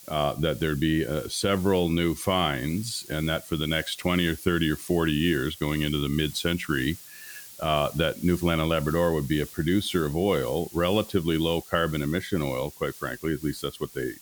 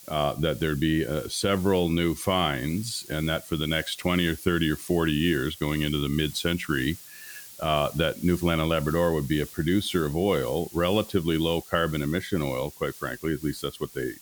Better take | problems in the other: neither | hiss; noticeable; throughout; 15 dB below the speech; the same in both

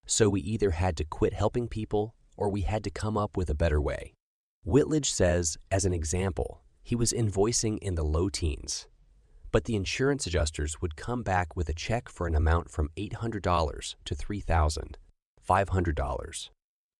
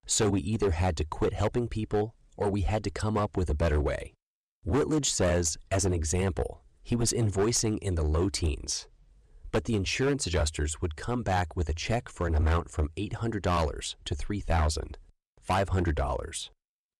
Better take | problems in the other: first | distortion; slight; 7% of the sound clipped

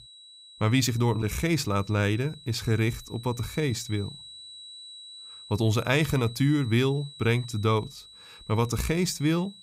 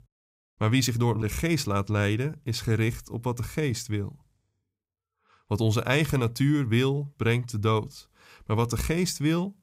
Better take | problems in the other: second | high-pitched whine; noticeable; throughout; 4 kHz, 20 dB below the speech

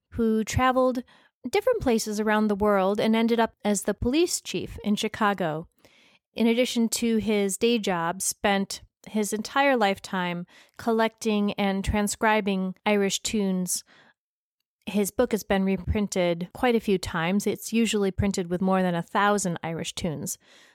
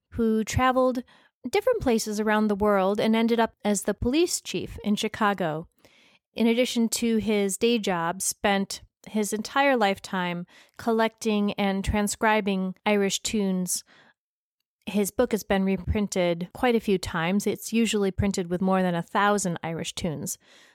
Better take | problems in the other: neither | none

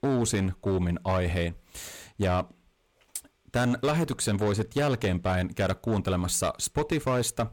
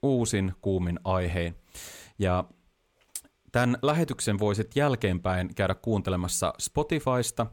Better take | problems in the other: second | distortion; slight; 9% of the sound clipped

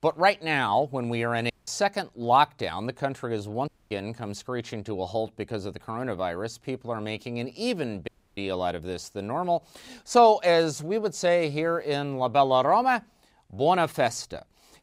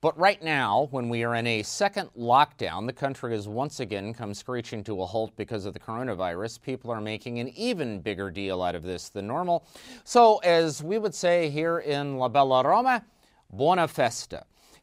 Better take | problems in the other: second | audio cutting out; at 1.5 s, at 3.5 s and at 8 s

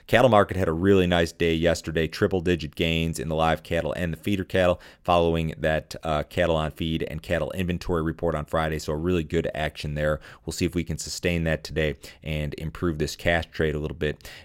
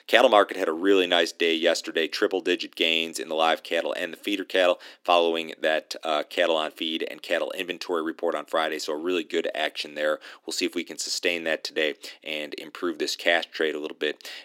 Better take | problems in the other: first | thin; somewhat; fading below 300 Hz

